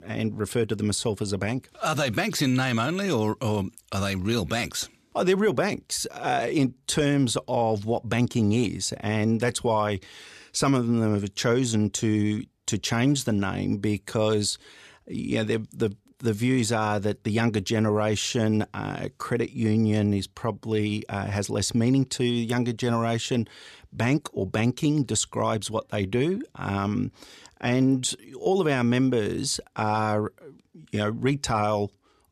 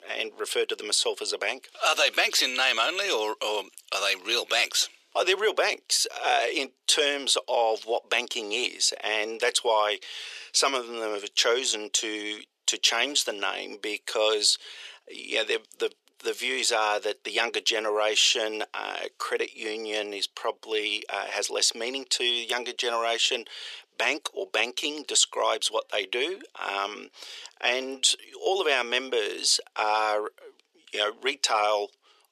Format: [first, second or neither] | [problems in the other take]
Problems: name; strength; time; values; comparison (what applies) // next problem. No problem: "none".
first | thin; very; fading below 400 Hz